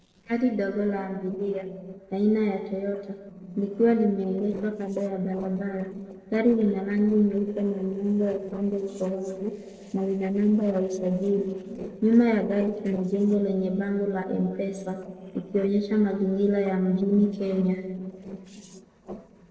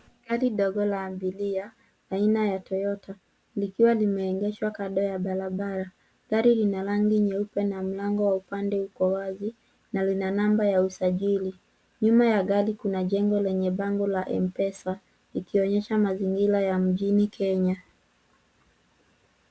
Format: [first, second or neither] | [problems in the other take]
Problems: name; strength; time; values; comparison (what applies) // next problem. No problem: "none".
second | noise reduction (neural separator model SepFormer DNS4)